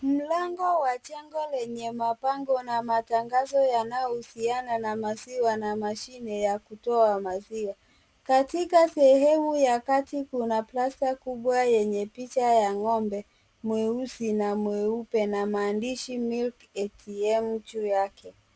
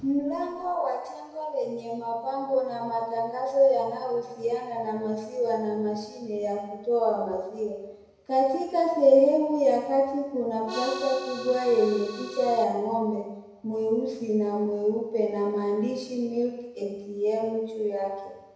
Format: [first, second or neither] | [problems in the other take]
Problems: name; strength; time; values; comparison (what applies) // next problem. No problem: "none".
first | background sound (Accordion); 10 dB below the speech // room echo; dies away in 1 s